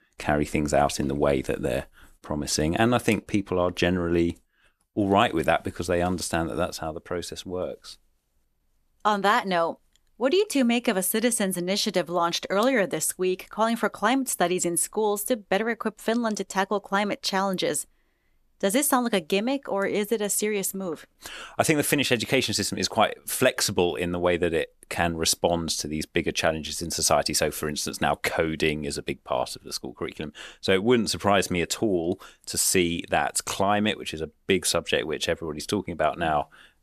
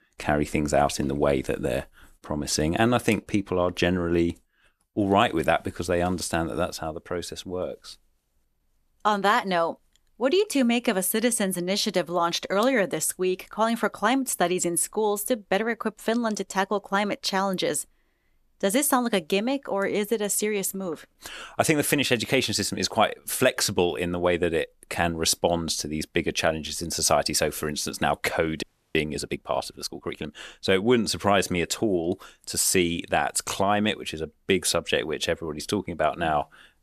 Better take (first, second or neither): first